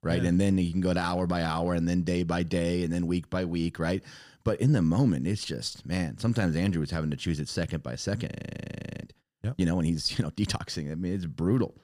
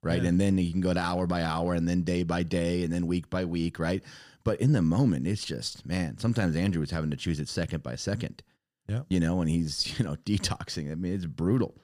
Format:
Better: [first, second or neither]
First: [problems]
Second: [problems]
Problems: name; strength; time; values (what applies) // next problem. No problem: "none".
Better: second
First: audio freezing; at 8.5 s for 0.5 s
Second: none